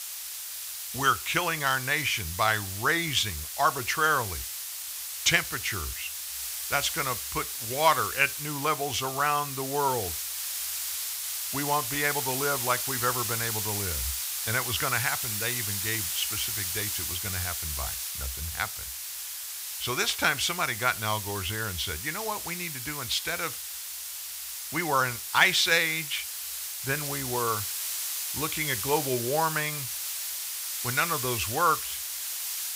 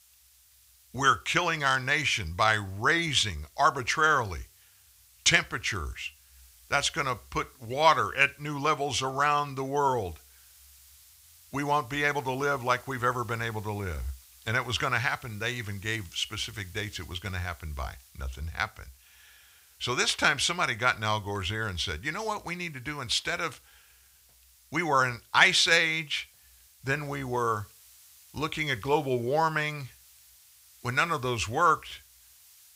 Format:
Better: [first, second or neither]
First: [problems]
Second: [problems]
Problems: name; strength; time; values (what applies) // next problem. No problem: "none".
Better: second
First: hiss; loud; throughout; 3 dB below the speech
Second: hiss; faint; throughout; 25 dB below the speech